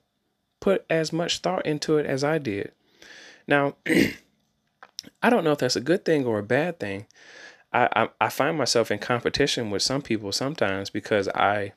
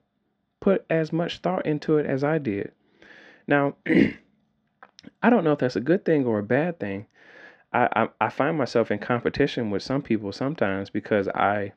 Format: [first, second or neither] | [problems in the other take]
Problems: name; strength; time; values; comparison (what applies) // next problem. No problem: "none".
first | muffled; slightly; fading above 2.5 kHz